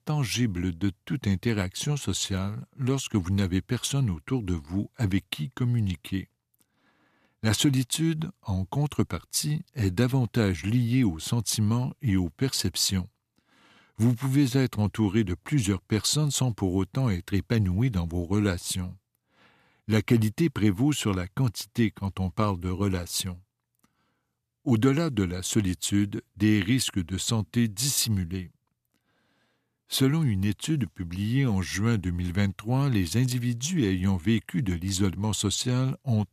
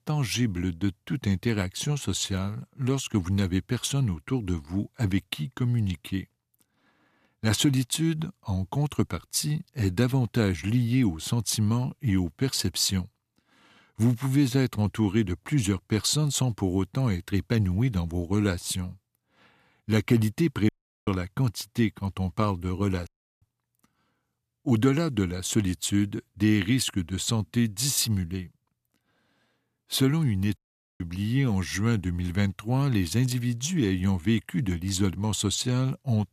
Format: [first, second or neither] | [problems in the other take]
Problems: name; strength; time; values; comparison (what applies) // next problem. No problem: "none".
first | audio cutting out; at 21 s, at 23 s and at 31 s